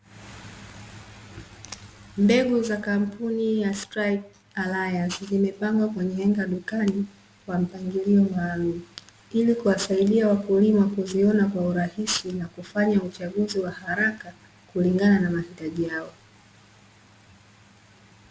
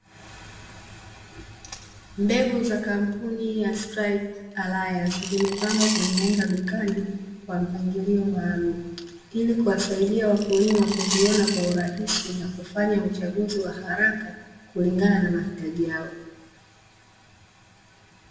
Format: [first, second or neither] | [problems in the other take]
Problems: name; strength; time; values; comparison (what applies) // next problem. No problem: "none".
first | background sound (Coin (dropping) / Glass); 6 dB below the speech // room echo; dies away in 1 s